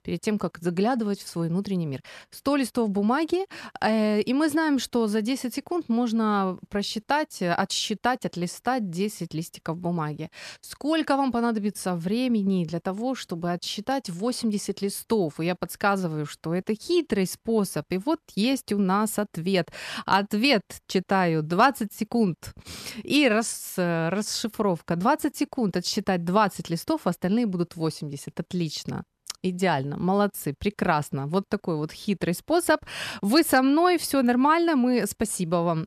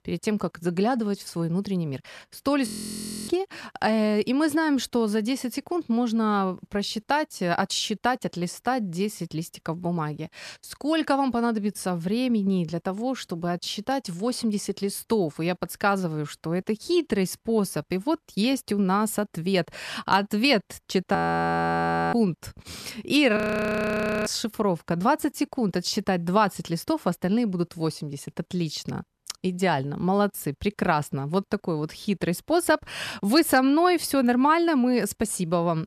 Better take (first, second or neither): first